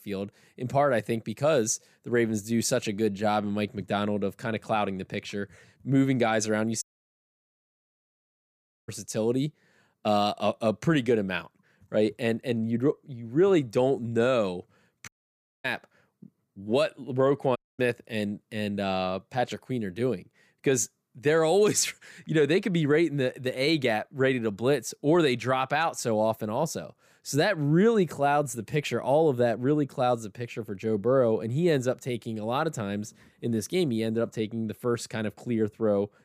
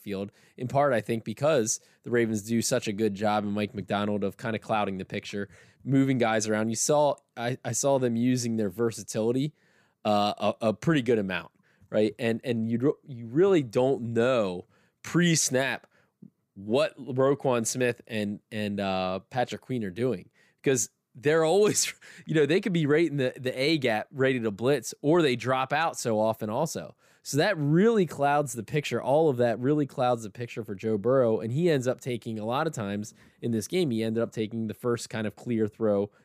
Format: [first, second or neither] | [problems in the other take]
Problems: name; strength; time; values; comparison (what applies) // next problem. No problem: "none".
second | audio cutting out; at 7 s for 2 s, at 15 s for 0.5 s and at 18 s